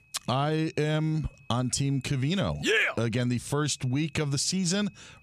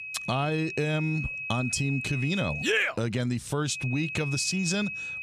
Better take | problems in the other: first | high-pitched whine; loud; until 3 s and from 3.5 s on; 2.5 kHz, 5 dB below the speech; faint in the first

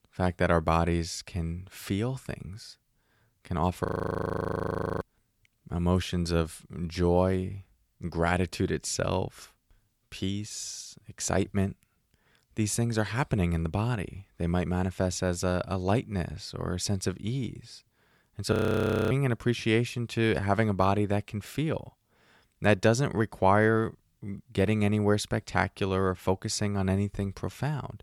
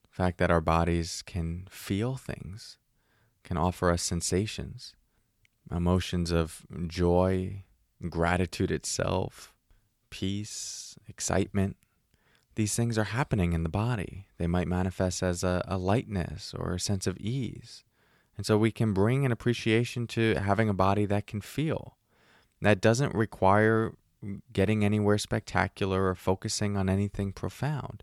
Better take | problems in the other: second | audio freezing; at 4 s for 1 s and at 19 s for 0.5 s

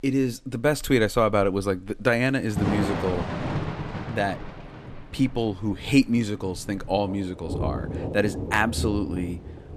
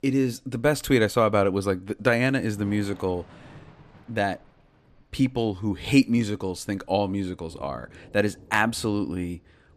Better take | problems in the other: second | rain or running water; loud; throughout; 7 dB below the speech; faint in the second

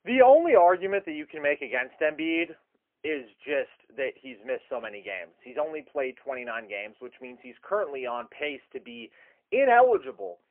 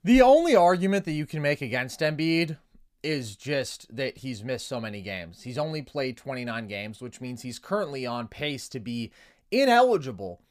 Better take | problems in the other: second | phone-call audio; poor line; nothing above 3 kHz

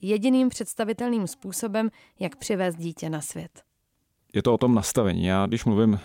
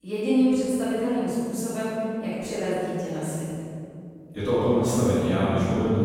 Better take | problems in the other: first | off-mic speech; far // room echo; strong; dies away in 2.4 s

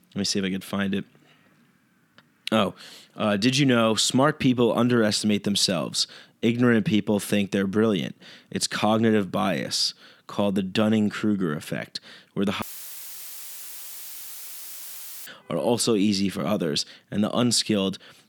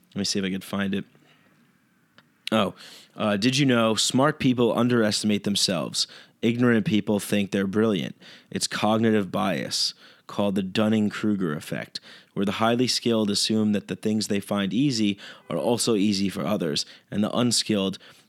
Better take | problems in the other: second | audio cutting out; filled with static; at 13 s for 2.5 s

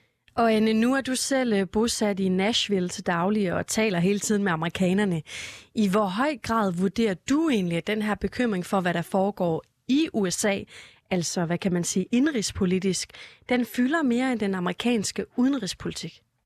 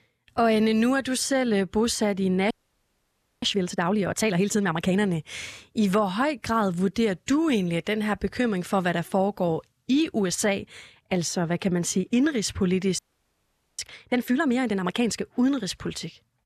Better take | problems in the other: first | audio freezing; at 2.5 s for 1 s and at 13 s for 1 s

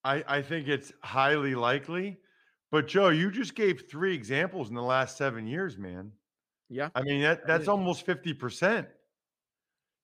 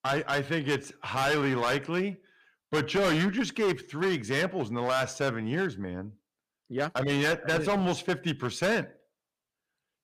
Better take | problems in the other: first | distortion; heavy; 12% of the sound clipped

